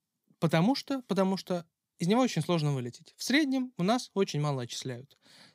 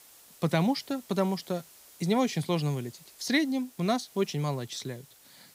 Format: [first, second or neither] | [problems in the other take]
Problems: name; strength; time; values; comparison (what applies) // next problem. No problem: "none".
first | hiss; faint; throughout; 20 dB below the speech